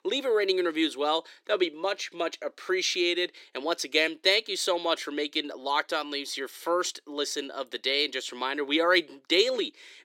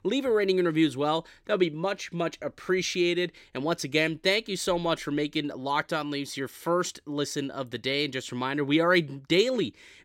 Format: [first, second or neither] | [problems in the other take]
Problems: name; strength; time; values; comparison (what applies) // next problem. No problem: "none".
second | thin; somewhat; fading below 350 Hz